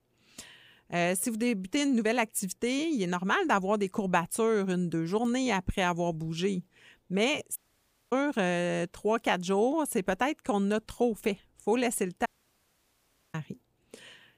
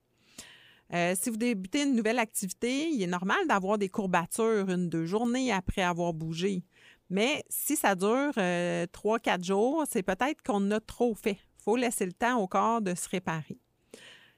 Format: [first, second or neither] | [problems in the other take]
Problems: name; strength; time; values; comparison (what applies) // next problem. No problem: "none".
second | audio cutting out; at 7.5 s for 0.5 s and at 12 s for 1 s